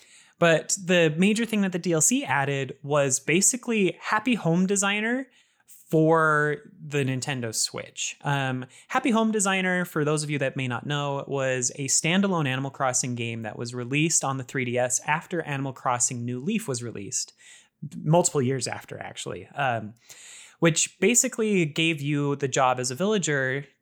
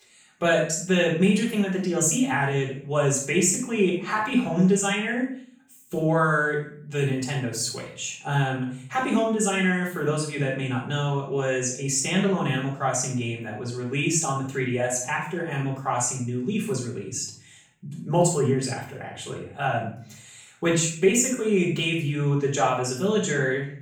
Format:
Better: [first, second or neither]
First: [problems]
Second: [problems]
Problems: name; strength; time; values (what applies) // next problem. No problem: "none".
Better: first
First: none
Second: off-mic speech; far // room echo; noticeable; dies away in 0.5 s